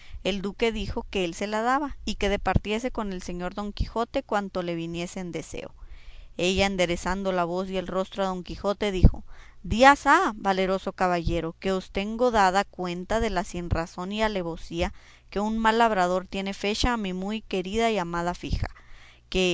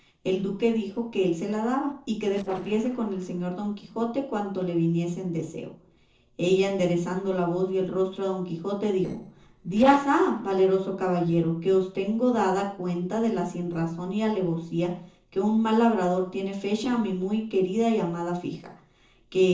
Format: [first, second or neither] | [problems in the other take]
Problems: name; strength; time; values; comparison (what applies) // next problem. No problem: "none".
first | noise reduction (neural separator model SepFormer DNS4)